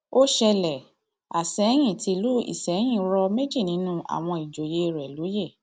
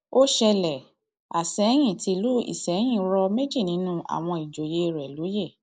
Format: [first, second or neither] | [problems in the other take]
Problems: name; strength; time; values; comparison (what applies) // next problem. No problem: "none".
first | noise reduction (neural mask model Resemble Enhance denoiser)